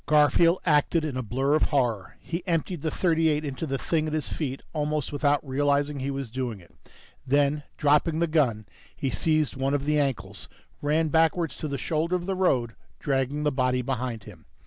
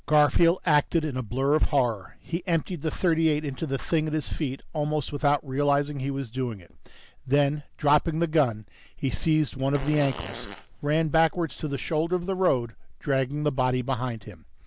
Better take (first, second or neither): first